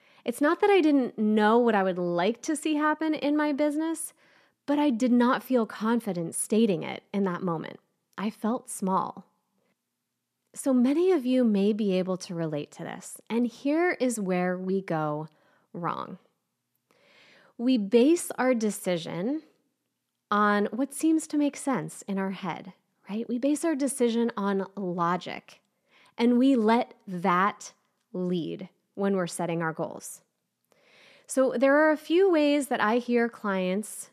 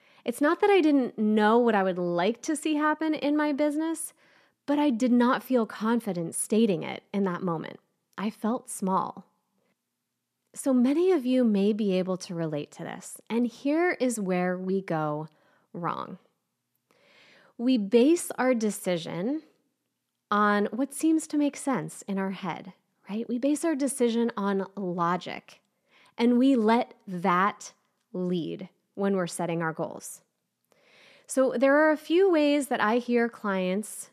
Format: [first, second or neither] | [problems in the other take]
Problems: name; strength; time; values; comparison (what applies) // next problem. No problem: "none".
neither | none